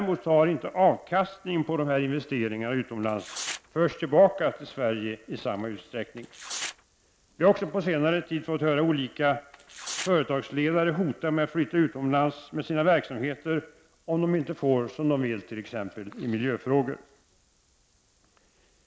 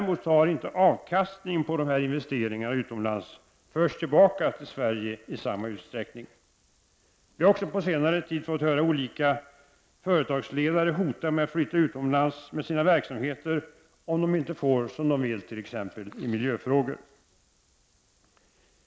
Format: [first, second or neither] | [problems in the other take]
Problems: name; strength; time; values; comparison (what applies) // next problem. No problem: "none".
second | background sound (Tearing); 13 dB below the speech